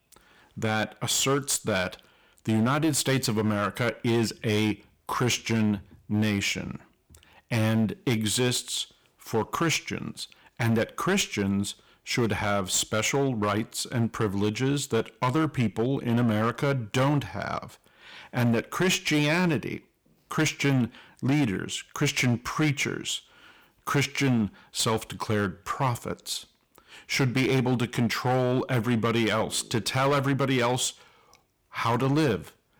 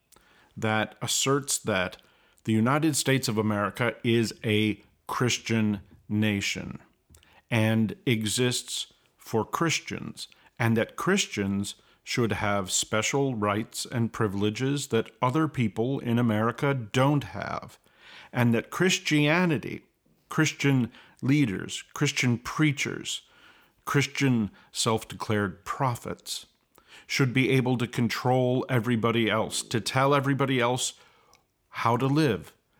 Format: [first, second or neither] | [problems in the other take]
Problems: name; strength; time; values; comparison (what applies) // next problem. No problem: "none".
second | distortion; slight; 9% of the sound clipped